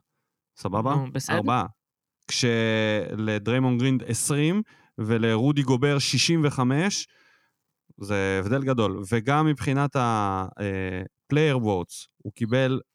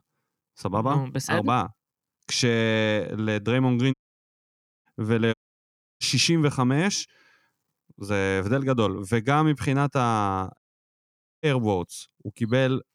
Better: first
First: none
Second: audio cutting out; at 4 s for 1 s, at 5.5 s for 0.5 s and at 11 s for 1 s

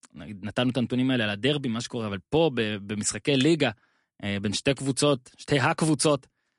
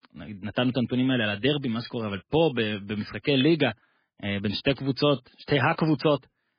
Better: first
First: garbled, watery; slightly; nothing above 10.5 kHz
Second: garbled, watery; badly; nothing above 5 kHz

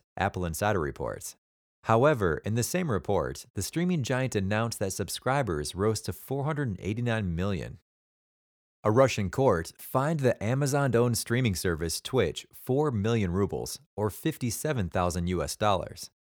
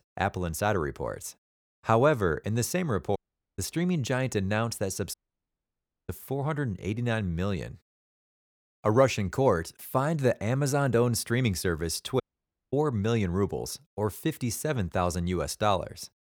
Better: first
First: none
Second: audio cutting out; at 3 s, at 5 s for 1 s and at 12 s for 0.5 s

